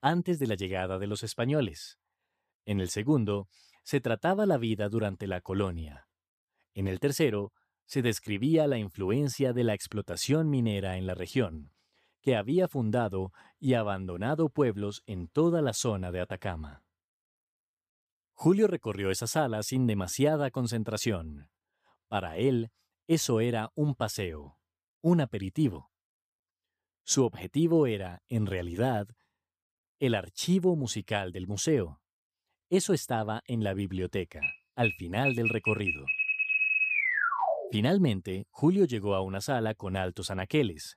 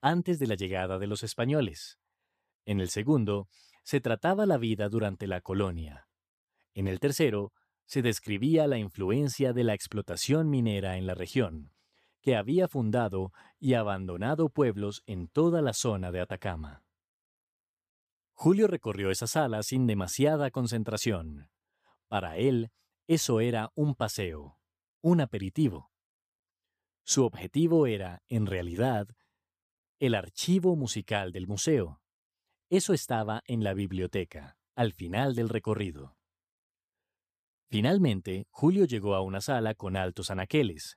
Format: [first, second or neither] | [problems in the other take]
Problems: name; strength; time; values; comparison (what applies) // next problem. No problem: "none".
second | alarm; loud; from 34 to 38 s; peak 6 dB above the speech